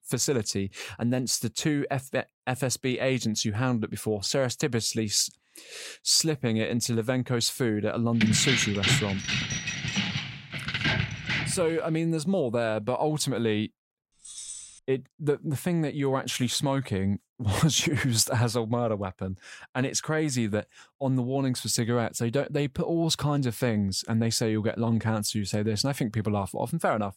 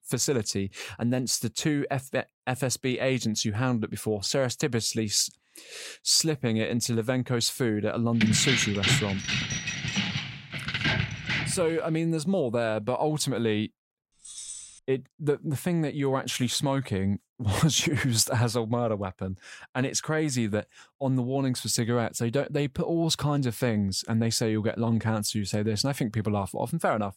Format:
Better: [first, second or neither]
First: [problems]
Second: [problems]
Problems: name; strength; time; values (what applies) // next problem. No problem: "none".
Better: neither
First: jangling keys; loud; from 8 to 12 s; peak 3 dB above the speech // jangling keys; faint; at 14 s; peak 10 dB below the speech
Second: jangling keys; loud; from 8 to 12 s; peak 3 dB above the speech // jangling keys; faint; at 14 s; peak 10 dB below the speech